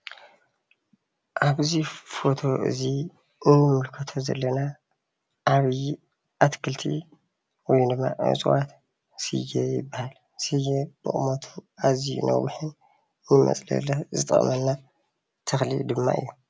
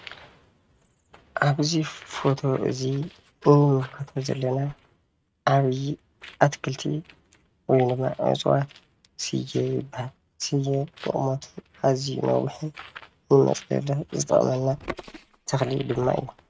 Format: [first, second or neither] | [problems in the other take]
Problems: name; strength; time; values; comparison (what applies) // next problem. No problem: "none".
first | noise reduction (neural mask model RNNoise)